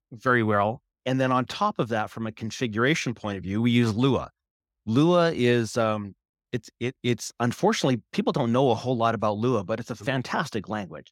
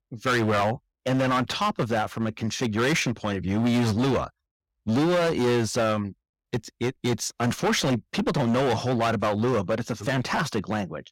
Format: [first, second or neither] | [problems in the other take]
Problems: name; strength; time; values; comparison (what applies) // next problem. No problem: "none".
first | distortion; heavy; 16% of the sound clipped